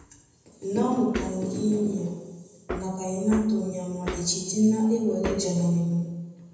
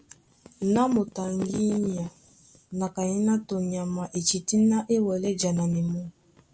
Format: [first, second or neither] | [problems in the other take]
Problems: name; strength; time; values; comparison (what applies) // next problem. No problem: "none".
second | background sound (Hammer); 13 dB below the speech // room echo; dies away in 1.1 s